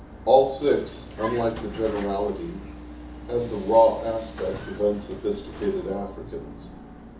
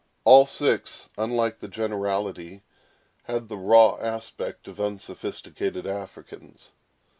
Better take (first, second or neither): second